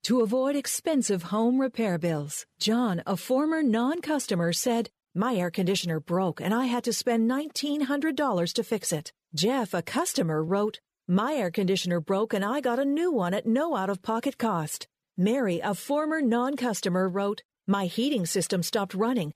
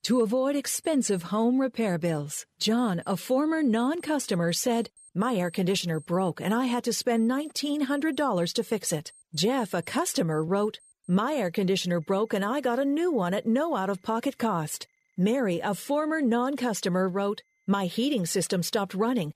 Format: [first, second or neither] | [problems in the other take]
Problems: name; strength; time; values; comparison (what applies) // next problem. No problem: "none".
first | alarms or sirens; faint; throughout; 25 dB below the speech